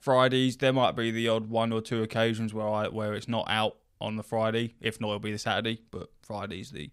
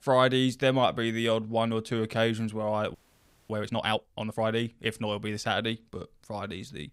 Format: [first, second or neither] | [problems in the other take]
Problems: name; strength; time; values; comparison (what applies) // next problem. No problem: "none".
first | audio freezing; at 3 s for 0.5 s